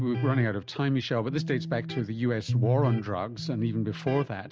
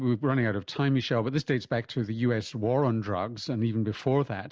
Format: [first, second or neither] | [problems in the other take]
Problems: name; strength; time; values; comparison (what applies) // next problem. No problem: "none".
second | background sound (Electric guitar); 4 dB below the speech